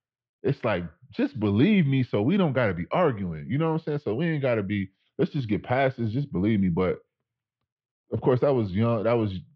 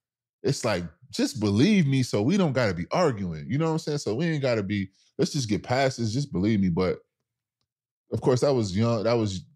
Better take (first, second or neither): second